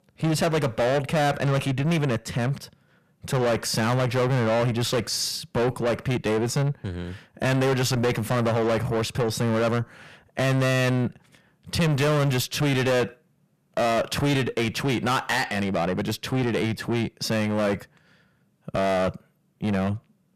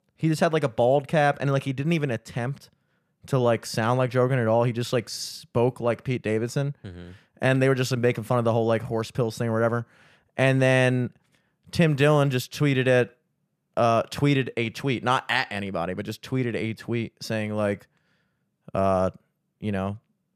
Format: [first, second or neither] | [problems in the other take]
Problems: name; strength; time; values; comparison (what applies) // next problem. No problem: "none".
second | distortion; heavy; 6 dB below the speech